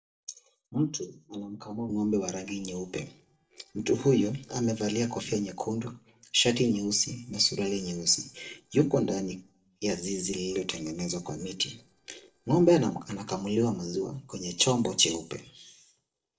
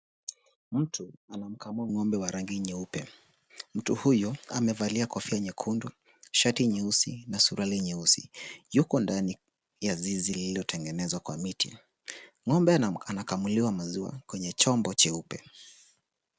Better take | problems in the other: second | noise reduction (neural separator model SepFormer DNS4)

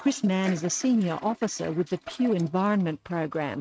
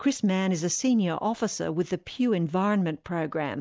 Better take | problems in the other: second | noise reduction (neural mask model RNNoise)

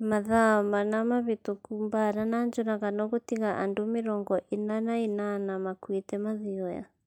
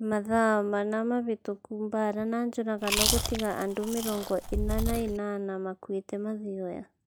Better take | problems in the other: first | background sound (Chewing, mastication); 1 dB below the speech

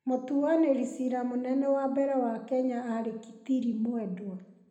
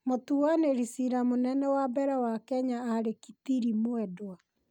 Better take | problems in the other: second | room echo; dies away in 0.9 s

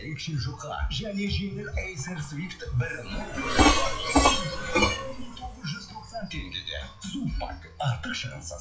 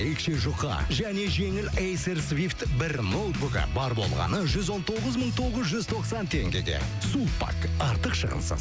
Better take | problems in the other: second | noise reduction (classical method WPE with log-MMSE)

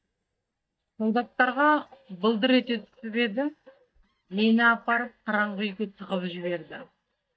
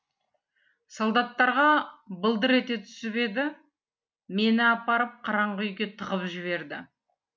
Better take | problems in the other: second | noise reduction (neural mask model DeepFilterNet 3)

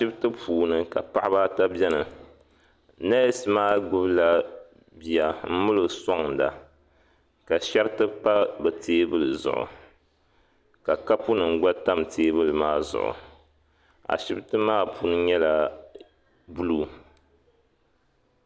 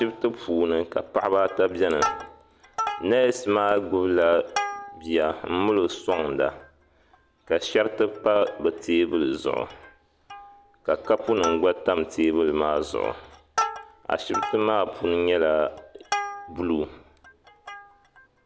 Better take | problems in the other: first | background sound (Plucked string instrument); 11 dB below the speech

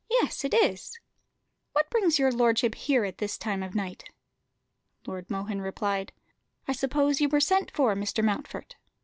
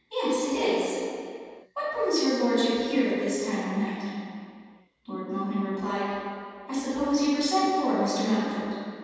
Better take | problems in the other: first | room echo; dies away in 2.1 s

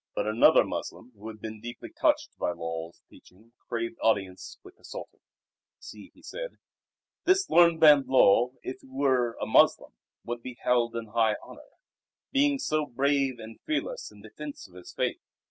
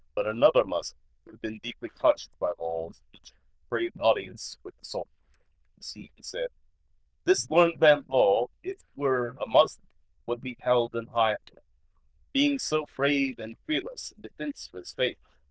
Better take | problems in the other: first | noise reduction (neural diffusion model UNIVERSE++)

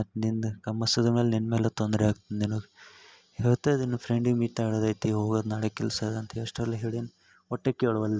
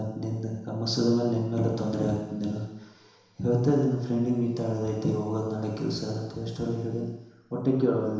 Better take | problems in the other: first | room echo; dies away in 1 s

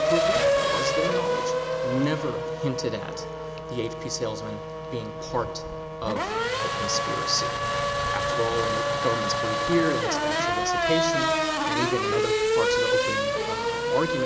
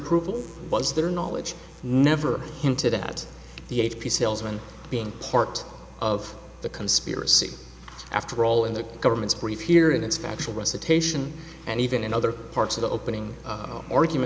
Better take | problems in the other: second | background sound (Race car, auto racing / Accelerating, revving, vroom); 5 dB above the speech

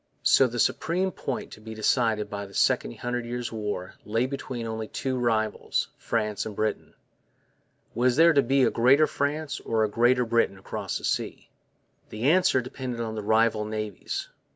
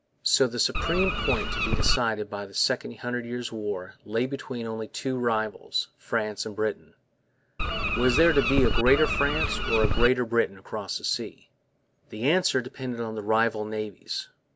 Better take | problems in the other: first | background sound (Bird); 2 dB above the speech

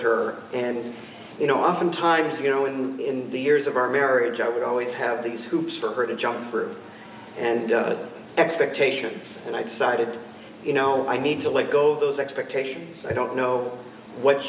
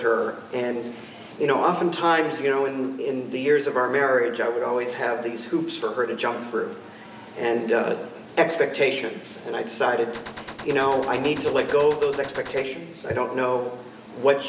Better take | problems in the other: first | background sound (Gunshot, gunfire); 14 dB below the speech

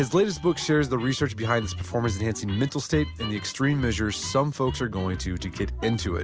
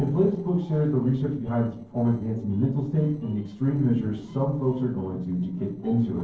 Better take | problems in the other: first | noise reduction (neural separator model SepFormer DNS4)

